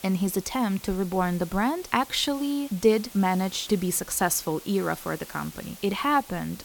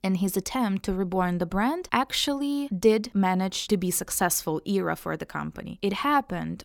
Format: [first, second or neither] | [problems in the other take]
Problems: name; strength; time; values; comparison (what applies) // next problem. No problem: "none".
second | hiss; noticeable; throughout; 15 dB below the speech